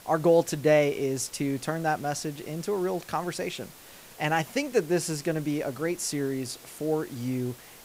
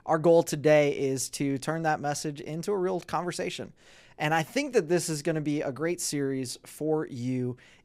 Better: second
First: hiss; noticeable; throughout; 20 dB below the speech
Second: none

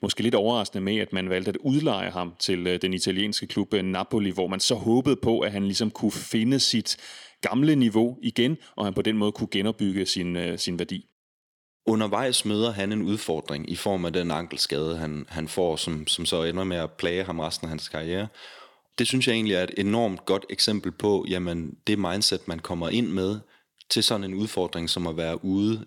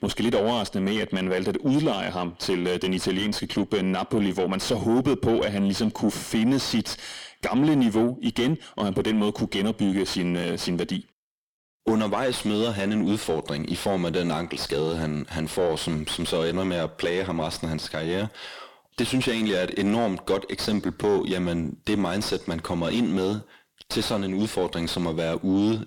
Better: first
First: none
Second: distortion; heavy; 7 dB below the speech

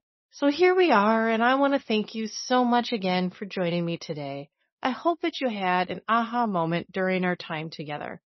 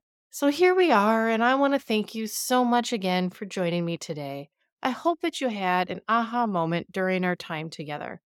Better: second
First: garbled, watery; slightly; nothing above 6 kHz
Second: none

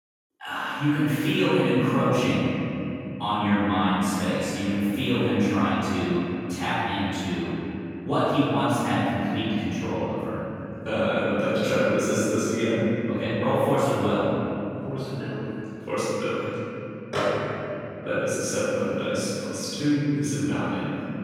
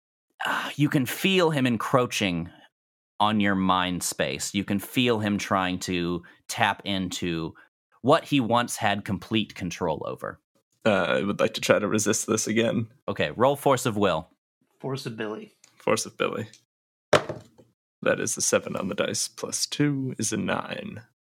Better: second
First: off-mic speech; far // room echo; strong; dies away in 3 s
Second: none

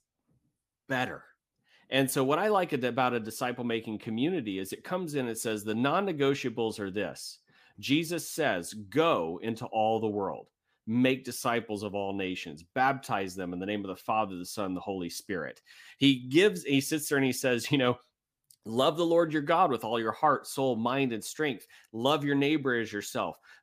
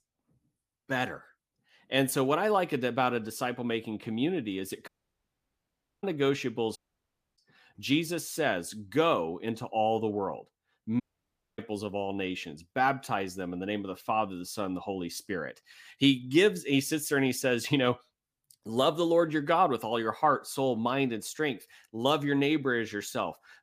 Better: first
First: none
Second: audio cutting out; at 5 s for 1 s, at 7 s for 0.5 s and at 11 s for 0.5 s

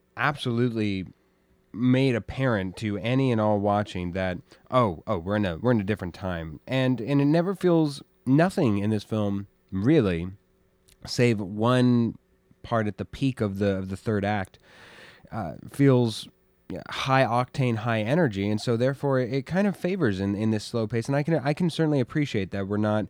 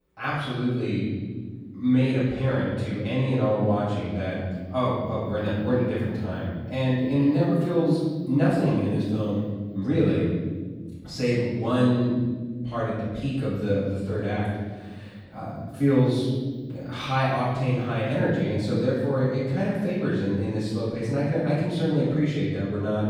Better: first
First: none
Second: off-mic speech; far // room echo; strong; dies away in 1.7 s

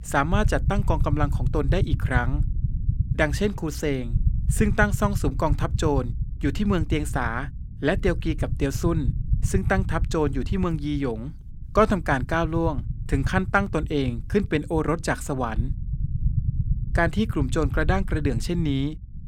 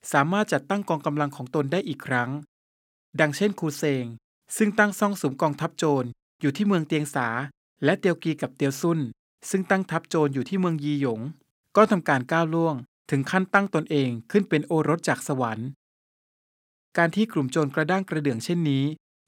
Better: second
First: low rumble; noticeable; throughout; 15 dB below the speech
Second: none

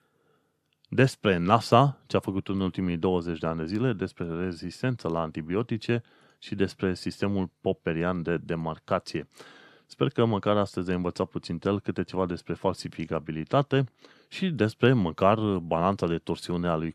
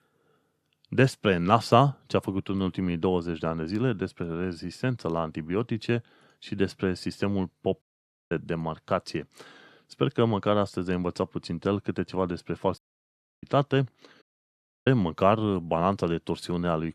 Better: first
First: none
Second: audio cutting out; at 8 s, at 13 s for 0.5 s and at 14 s for 0.5 s

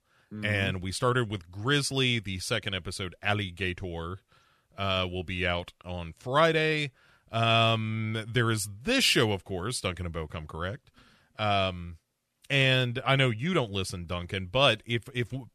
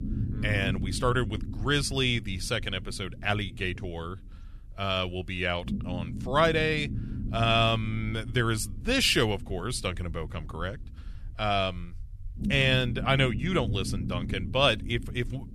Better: first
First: none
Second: low rumble; noticeable; throughout; 20 dB below the speech

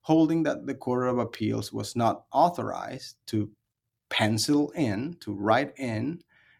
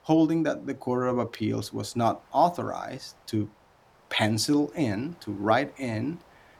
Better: first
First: none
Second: hiss; faint; throughout; 30 dB below the speech

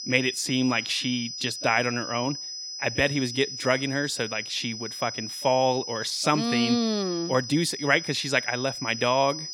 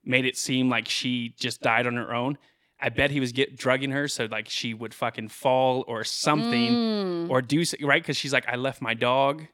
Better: second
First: high-pitched whine; loud; throughout; 5 kHz, 8 dB below the speech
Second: none

